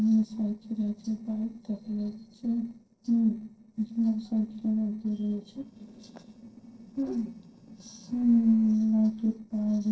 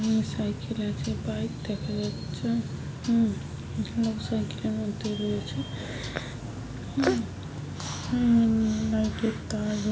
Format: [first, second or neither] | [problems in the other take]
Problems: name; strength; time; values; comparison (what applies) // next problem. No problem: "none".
second | noise reduction (neural separator model SepFormer DNS4)